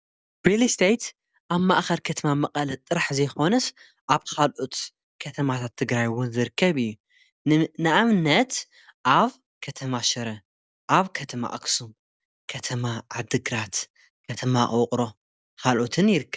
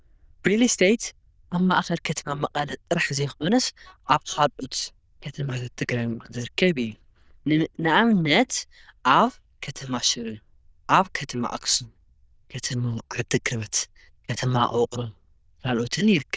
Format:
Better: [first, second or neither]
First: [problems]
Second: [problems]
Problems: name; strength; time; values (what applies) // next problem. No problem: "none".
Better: first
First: none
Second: noise reduction (neural diffusion model UNIVERSE++)